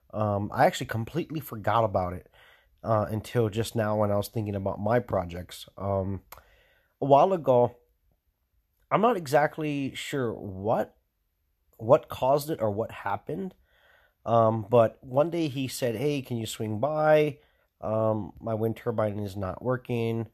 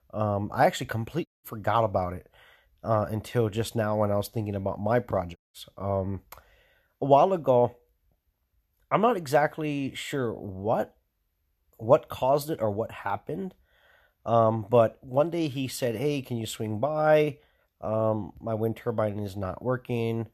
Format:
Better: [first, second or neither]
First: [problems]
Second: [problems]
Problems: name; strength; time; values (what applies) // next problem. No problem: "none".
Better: first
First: none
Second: audio cutting out; at 1.5 s and at 5.5 s